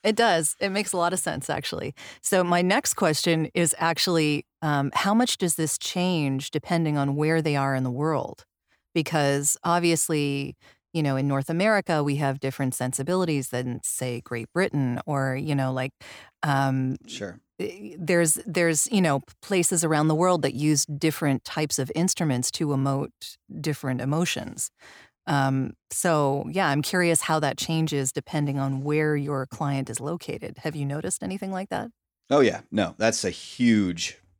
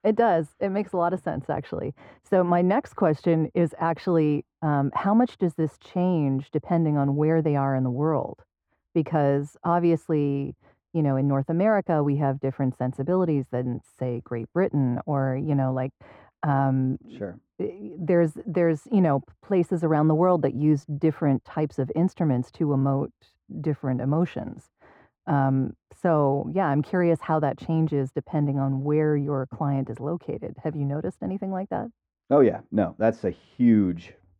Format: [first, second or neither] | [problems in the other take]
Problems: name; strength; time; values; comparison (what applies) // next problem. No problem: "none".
first | muffled; very; fading above 2.5 kHz